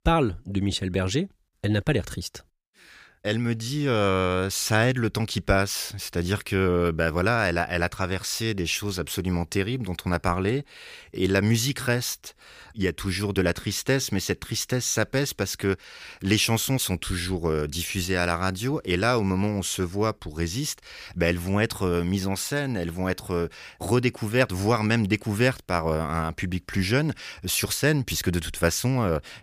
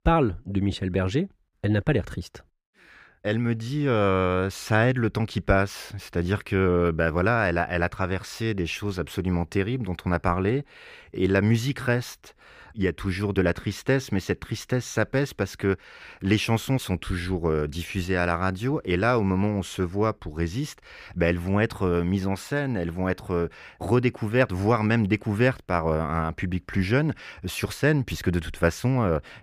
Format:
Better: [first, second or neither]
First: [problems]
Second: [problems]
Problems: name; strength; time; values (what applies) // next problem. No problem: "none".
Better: first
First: none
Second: muffled; slightly; fading above 3.5 kHz